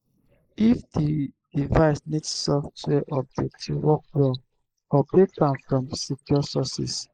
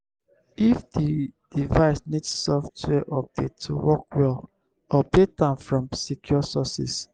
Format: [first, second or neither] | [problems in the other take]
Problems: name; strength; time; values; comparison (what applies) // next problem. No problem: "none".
second | noise reduction (neural mask model Resemble Enhance denoiser)